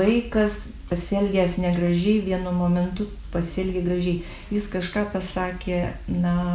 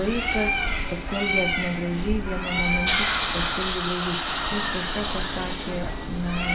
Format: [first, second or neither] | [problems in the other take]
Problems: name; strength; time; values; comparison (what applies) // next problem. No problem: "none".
first | background sound (Bird + Hiss); 3 dB above the speech